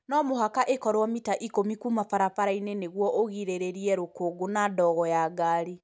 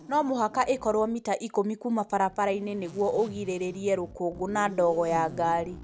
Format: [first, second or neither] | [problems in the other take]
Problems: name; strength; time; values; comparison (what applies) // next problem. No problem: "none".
first | background sound (Zipper (clothing)); 18 dB below the speech